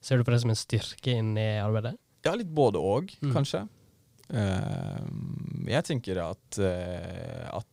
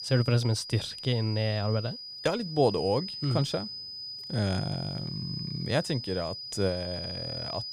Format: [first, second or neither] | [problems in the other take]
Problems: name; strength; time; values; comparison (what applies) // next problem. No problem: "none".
first | high-pitched whine; loud; throughout; 5 kHz, 7 dB below the speech